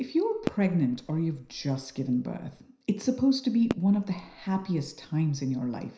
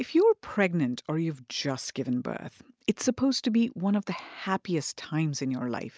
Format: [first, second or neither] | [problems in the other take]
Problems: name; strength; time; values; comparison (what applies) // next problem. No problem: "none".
second | background sound (Fireworks); 14 dB below the speech // room echo; dies away in 0.5 s